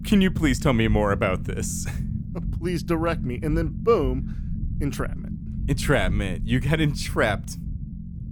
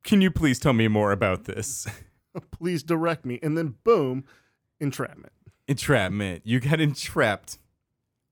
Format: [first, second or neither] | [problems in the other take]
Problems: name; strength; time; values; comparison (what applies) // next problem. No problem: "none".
second | low rumble; noticeable; throughout; 15 dB below the speech